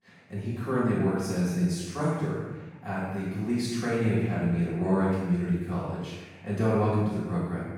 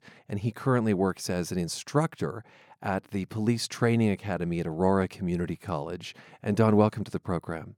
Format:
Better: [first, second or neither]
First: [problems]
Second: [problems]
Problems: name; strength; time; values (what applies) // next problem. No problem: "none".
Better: second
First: off-mic speech; far // room echo; strong; dies away in 1.2 s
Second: none